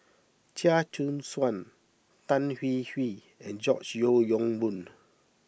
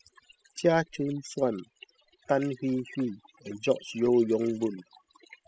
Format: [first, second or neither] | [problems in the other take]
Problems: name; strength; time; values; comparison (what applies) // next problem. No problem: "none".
first | noise reduction (classical method spectral subtraction)